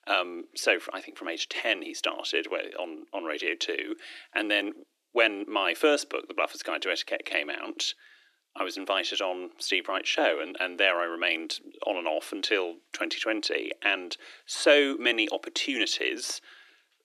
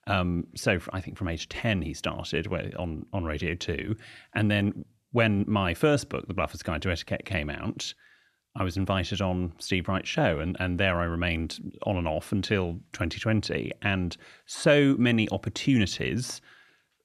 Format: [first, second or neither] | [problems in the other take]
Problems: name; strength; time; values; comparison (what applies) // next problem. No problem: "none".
second | thin; very; fading below 300 Hz